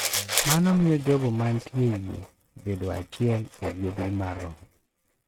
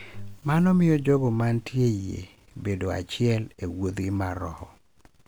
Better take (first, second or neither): second